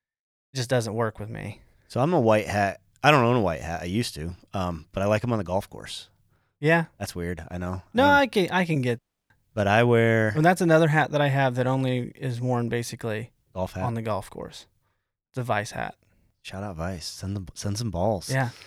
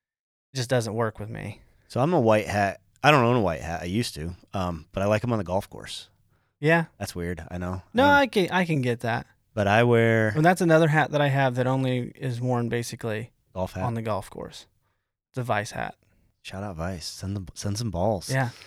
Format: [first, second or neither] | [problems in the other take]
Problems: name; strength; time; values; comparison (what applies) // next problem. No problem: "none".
second | audio cutting out; at 9 s